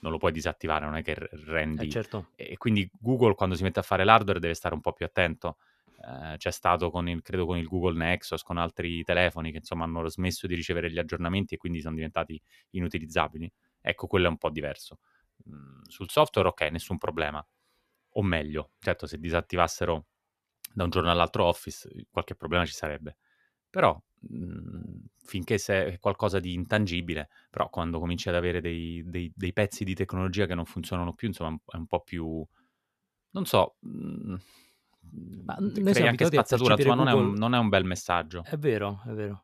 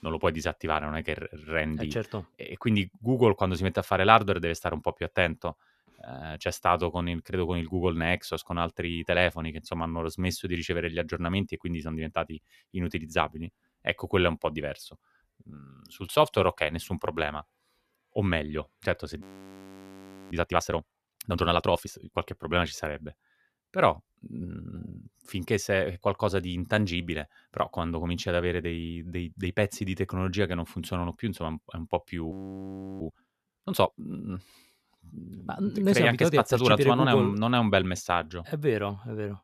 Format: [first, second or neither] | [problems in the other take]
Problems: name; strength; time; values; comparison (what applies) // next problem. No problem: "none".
first | audio freezing; at 19 s for 1 s and at 32 s for 0.5 s